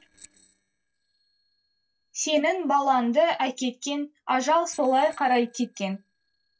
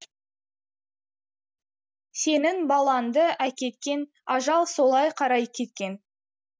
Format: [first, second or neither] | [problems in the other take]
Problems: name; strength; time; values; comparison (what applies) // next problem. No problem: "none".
second | noise reduction (neural separator model SepFormer DNS4)